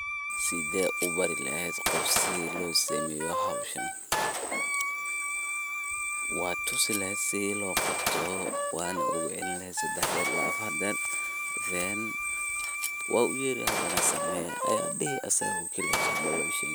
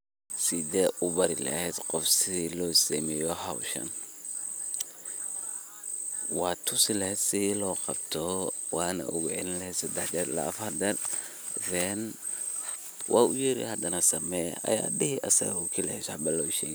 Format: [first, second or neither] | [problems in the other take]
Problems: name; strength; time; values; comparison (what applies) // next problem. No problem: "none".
second | background sound (Gunshot, gunfire + Wind instrument, woodwind instrument); as loud as the speech